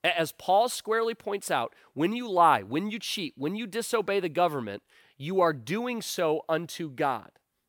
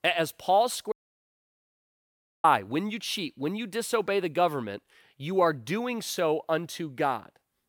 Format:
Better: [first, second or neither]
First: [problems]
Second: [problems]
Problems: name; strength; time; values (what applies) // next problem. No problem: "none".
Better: first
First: none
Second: audio cutting out; at 1 s for 1.5 s